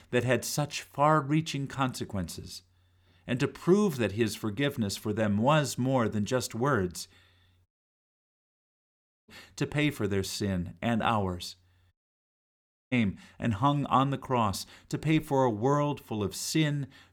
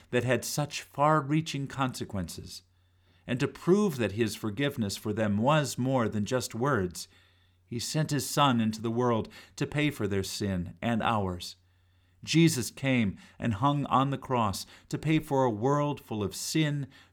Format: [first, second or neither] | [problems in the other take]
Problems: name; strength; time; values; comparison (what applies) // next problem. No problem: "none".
second | audio cutting out; at 7.5 s for 1.5 s and at 12 s for 1 s